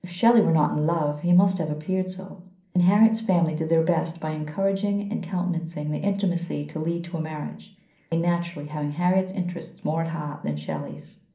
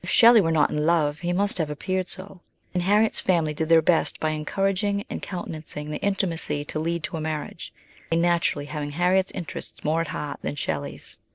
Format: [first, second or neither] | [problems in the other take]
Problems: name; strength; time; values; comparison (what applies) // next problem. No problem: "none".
second | room echo; dies away in 0.6 s